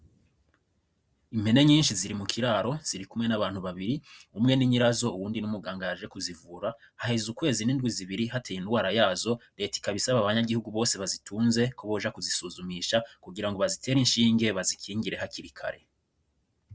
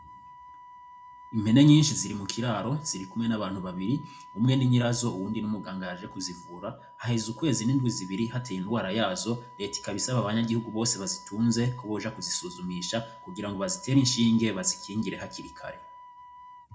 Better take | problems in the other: first | background sound (Wind instrument, woodwind instrument); 20 dB below the speech // room echo; dies away in 0.3 s

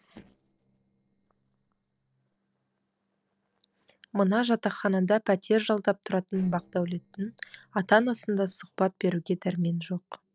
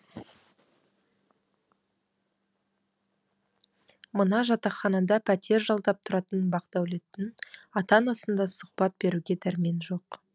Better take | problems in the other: second | noise reduction (neural separator model SepFormer DNS4)

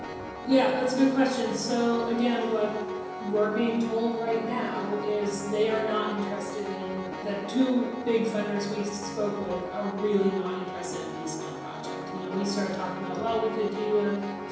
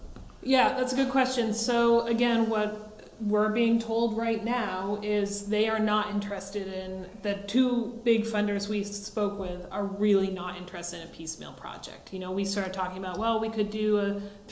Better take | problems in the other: second | background sound (Piano); 7 dB below the speech // room echo; dies away in 0.9 s

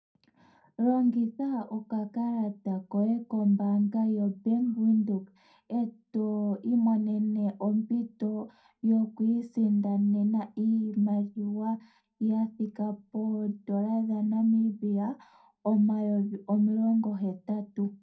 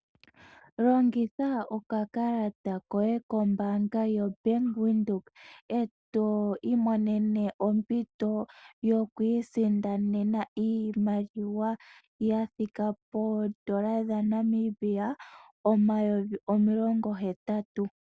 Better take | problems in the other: second | room echo; dies away in 0.2 s

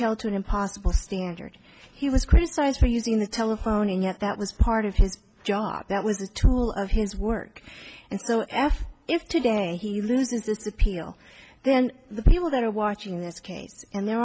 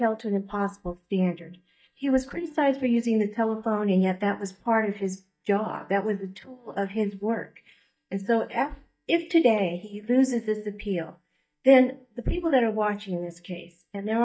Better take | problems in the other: first | noise reduction (neural mask model DeepFilterNet 3)

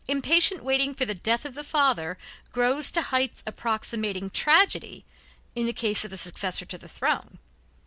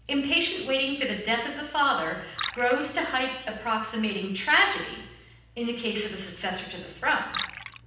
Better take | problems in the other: first | background sound (Liquid); 15 dB below the speech // room echo; dies away in 0.9 s

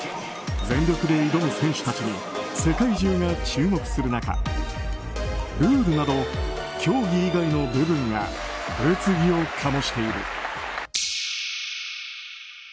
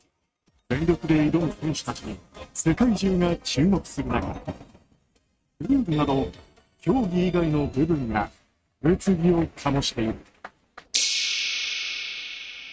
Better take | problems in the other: first | noise reduction (neural mask model RNNoise)

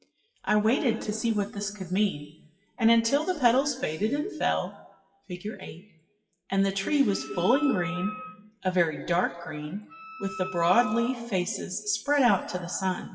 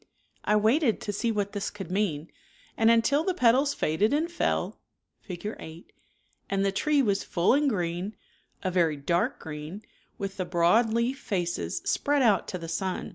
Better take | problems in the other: second | noise reduction (classical method WPE with log-MMSE)

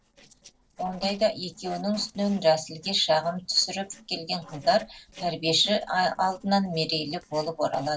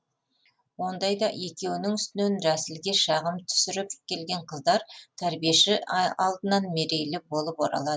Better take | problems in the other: second | noise reduction (neural separator model SepFormer DNS4)

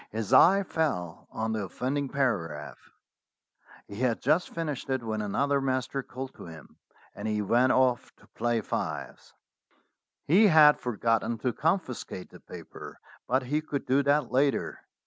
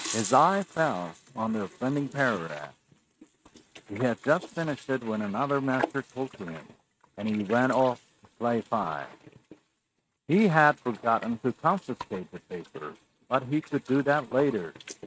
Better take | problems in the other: first | noise reduction (neural mask model RNNoise)

